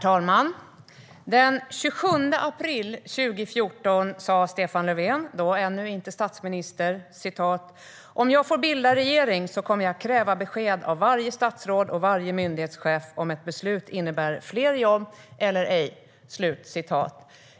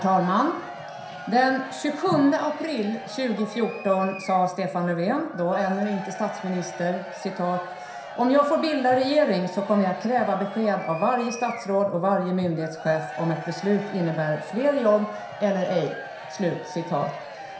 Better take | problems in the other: first | background sound (Crowd / Cheering); 13 dB below the speech // room echo; dies away in 0.7 s

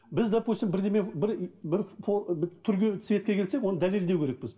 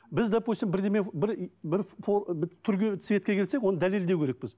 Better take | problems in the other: second | room echo; dies away in 0.7 s

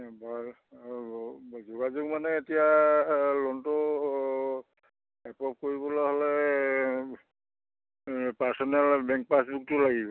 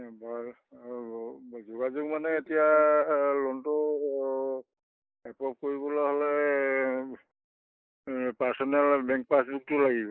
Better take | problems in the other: first | noise reduction (neural mask model Resemble Enhance denoiser)

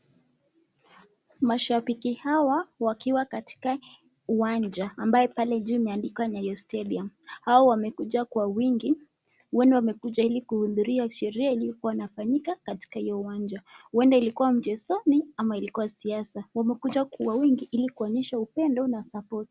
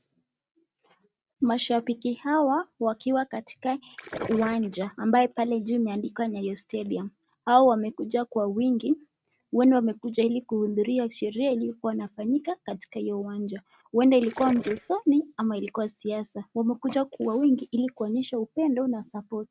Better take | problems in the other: first | noise reduction (neural mask model RNNoise)

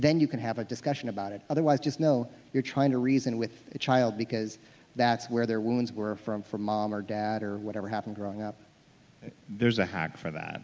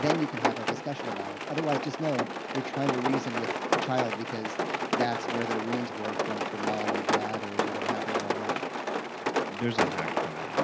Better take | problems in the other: first | background sound (Rain); 3 dB above the speech

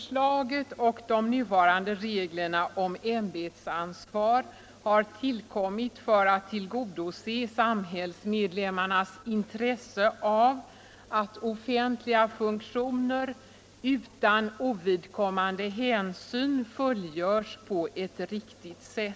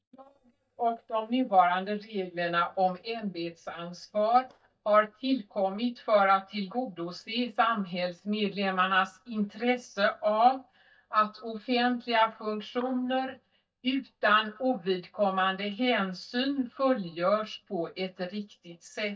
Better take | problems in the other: first | noise reduction (neural mask model DeepFilterNet 3)

